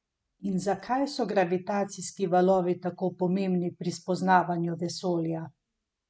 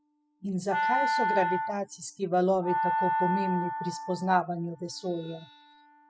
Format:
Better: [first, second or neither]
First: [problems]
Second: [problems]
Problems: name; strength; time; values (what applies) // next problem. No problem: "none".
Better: first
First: none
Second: noise reduction (classical method spectral subtraction)